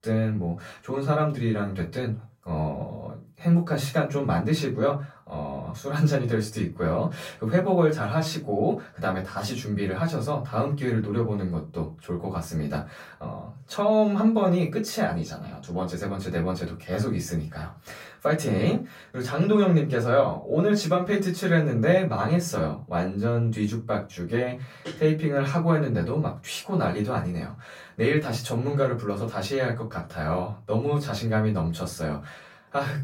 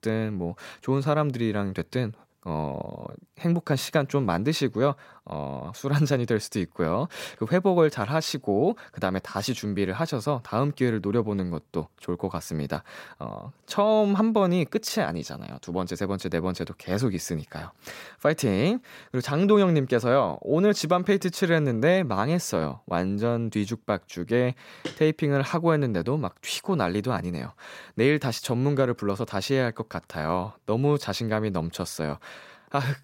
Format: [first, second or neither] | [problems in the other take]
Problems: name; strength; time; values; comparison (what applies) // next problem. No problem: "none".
second | off-mic speech; far // room echo; very slight; dies away in 0.2 s